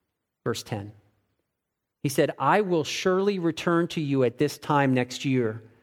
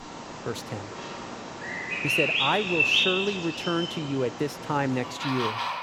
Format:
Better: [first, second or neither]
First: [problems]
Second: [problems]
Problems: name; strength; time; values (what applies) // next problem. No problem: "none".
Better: first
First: none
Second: animal sounds; very loud; throughout; 4 dB above the speech